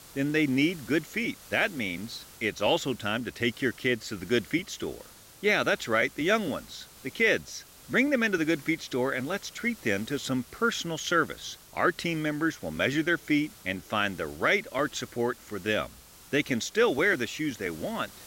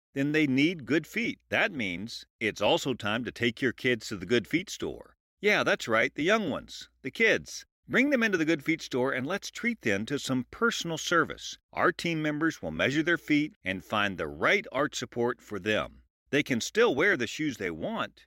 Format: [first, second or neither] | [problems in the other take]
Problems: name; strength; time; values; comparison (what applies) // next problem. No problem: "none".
second | hiss; faint; throughout; 20 dB below the speech